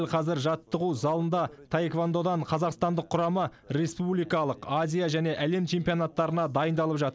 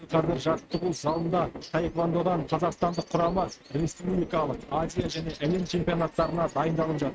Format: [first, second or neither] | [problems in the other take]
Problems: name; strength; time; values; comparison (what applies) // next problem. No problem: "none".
first | noise reduction (neural mask model RNNoise)